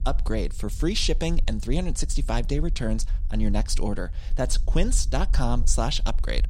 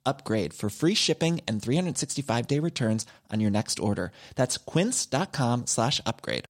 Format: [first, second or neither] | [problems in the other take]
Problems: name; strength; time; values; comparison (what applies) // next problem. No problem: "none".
second | low rumble; faint; throughout; 20 dB below the speech